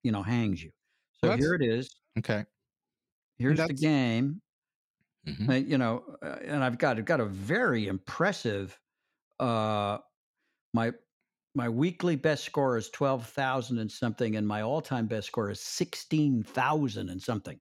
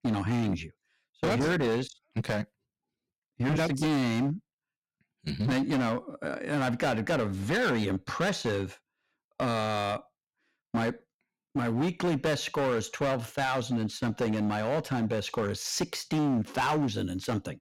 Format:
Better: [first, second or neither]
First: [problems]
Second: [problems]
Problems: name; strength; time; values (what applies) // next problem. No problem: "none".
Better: first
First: none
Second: distortion; heavy; 14% of the sound clipped